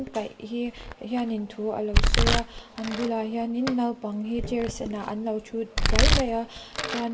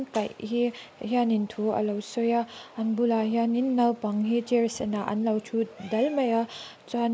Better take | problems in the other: second | background sound (Domestic sounds, home sounds); 2 dB above the speech // room echo; dies away in 0.6 s

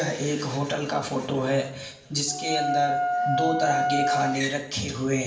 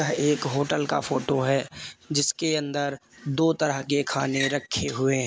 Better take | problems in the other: second | background sound (Wind instrument, woodwind instrument); as loud as the speech // room echo; dies away in 0.9 s

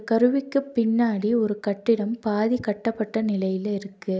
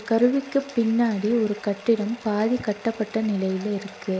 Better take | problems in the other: first | background sound (Bathtub (filling or washing)); 19 dB below the speech

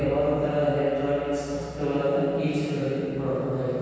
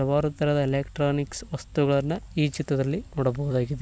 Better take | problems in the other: second | room echo; dies away in 2.2 s

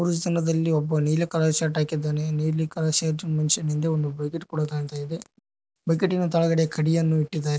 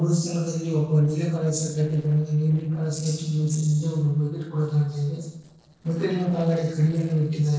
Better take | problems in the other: first | noise reduction (neural separator model SepFormer DNS4)

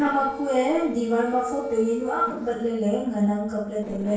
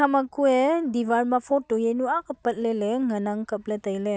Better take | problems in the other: second | noise reduction (neural separator model SepFormer DNS4)

